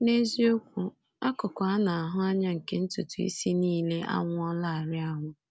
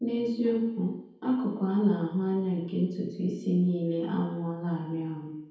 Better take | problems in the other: first | room echo; dies away in 1.8 s

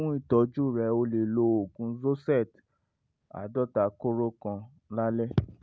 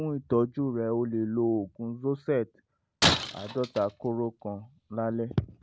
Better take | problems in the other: first | background sound (Shatter); 2 dB below the speech

